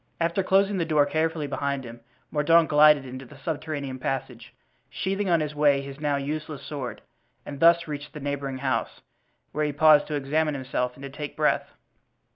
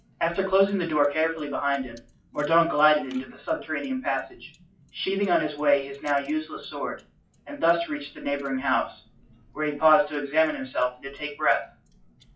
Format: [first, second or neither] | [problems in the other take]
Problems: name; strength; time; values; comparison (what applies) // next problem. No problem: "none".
first | noise reduction (classical method WPE with log-MMSE)